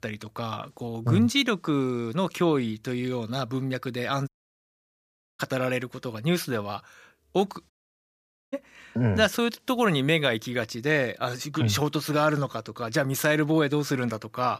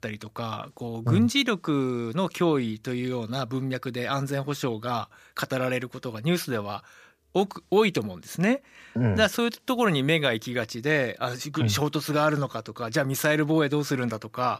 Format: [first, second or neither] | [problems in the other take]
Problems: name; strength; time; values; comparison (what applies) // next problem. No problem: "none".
second | audio cutting out; at 4.5 s for 1 s and at 7.5 s for 1 s